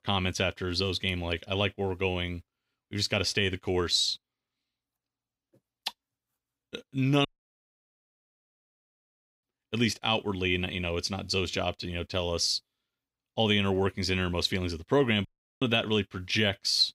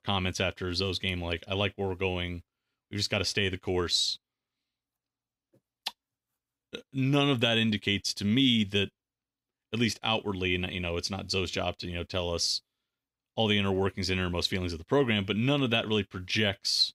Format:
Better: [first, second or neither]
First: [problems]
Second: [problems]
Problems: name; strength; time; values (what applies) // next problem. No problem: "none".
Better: second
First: audio cutting out; at 7.5 s for 2 s and at 15 s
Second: none